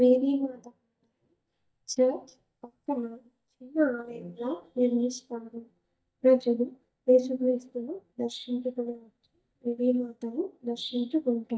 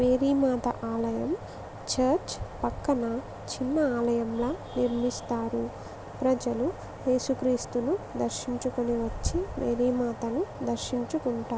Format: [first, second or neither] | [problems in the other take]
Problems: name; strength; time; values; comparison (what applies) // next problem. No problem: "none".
second | noise reduction (neural mask model DeepFilterNet 3)